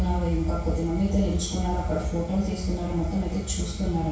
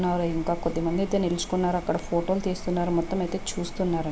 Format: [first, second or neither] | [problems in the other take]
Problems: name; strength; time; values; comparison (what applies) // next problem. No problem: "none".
second | room echo; dies away in 0.6 s